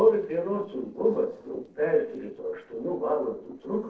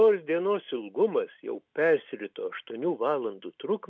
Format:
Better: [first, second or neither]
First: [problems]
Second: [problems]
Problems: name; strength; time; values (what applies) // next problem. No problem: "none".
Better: second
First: noise reduction (neural separator model SepFormer DNS4)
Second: none